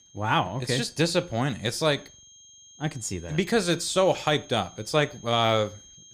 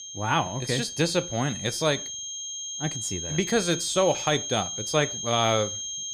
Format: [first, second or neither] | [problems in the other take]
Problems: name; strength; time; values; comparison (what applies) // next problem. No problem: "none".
first | high-pitched whine; loud; throughout; 6.5 kHz, 5 dB below the speech; faint in the first